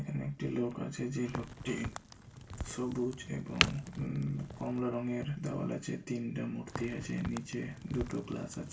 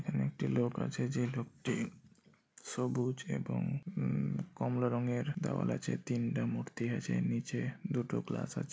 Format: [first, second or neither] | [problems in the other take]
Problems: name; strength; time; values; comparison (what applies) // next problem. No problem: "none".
second | background sound (Crack); 6 dB below the speech // room echo; dies away in 0.2 s